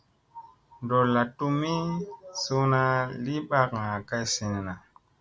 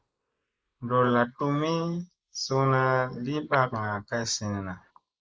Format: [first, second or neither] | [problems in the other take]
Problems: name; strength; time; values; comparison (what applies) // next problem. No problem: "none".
first | noise reduction (neural mask model Resemble Enhance denoiser)